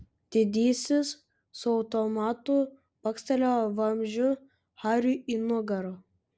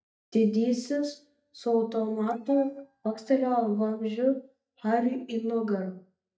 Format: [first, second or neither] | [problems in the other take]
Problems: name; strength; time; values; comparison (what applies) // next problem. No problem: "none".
first | noise reduction (neural mask model DeepFilterNet 3)